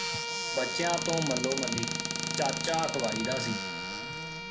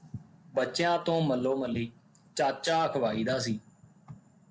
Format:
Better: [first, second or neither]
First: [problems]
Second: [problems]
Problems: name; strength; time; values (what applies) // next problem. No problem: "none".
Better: second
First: background sound (Bowed string instrument + Squeak / Cupboard open or close); as loud as the speech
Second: none